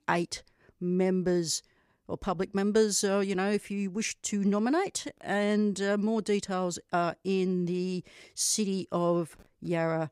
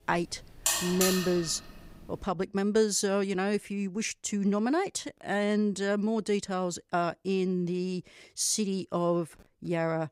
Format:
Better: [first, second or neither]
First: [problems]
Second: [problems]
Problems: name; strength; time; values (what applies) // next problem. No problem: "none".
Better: first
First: none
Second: alarm; loud; at 0.5 s; peak 2 dB above the speech